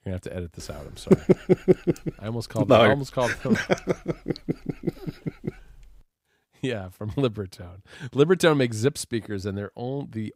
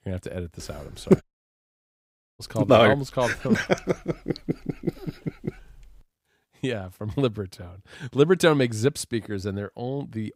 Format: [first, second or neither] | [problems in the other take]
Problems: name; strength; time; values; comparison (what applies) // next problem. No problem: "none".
first | audio cutting out; at 1 s for 1 s